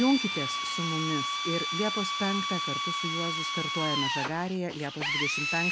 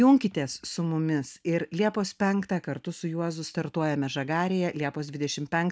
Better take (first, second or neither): second